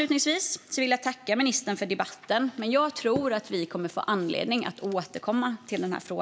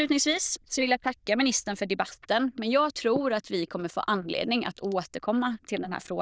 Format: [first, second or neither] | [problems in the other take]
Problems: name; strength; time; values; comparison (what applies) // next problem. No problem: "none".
first | noise reduction (neural diffusion model UNIVERSE++)